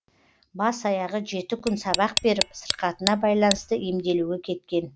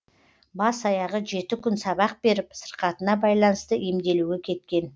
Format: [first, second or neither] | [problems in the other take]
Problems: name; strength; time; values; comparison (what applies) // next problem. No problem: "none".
second | background sound (Tick); 6 dB below the speech